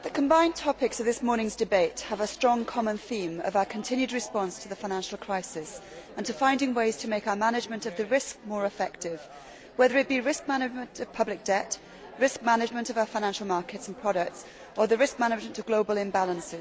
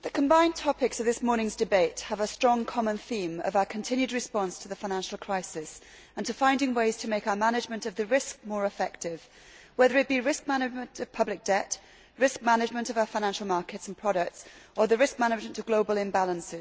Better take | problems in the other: second | background sound (Chatter); 19 dB below the speech

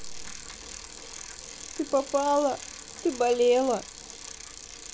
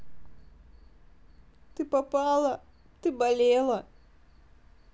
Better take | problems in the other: second | background sound (Bicycle); 13 dB below the speech

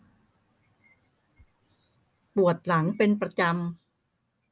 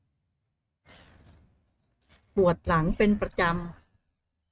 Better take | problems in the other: first | noise reduction (neural mask model RNNoise)

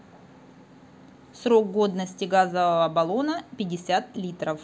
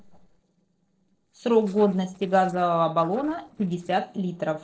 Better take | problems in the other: first | noise reduction (neural separator model SepFormer DNS4)

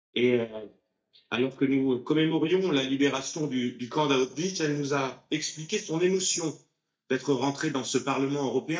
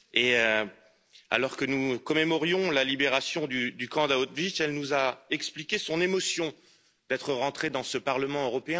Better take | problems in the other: second | noise reduction (neural mask model DeepFilterNet 3)

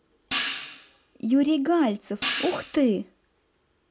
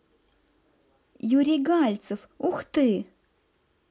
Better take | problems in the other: second | background sound (Hi-hat); 9 dB below the speech

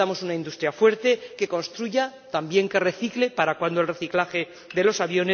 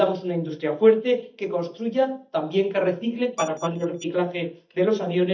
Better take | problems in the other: first | noise reduction (neural mask model DeepFilterNet 3)

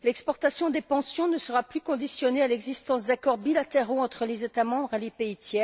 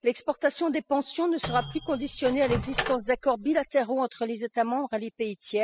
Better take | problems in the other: first | noise reduction (classical method spectral subtraction)

